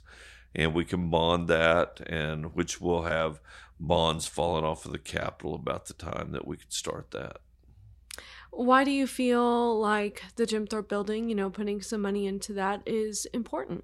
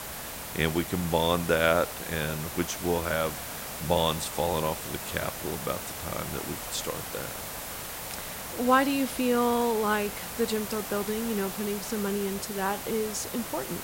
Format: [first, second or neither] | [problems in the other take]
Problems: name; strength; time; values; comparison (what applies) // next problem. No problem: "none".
first | hiss; loud; throughout; 6 dB below the speech